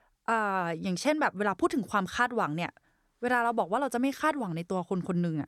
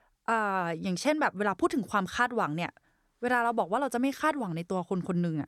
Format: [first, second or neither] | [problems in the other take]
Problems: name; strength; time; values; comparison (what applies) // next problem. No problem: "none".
neither | none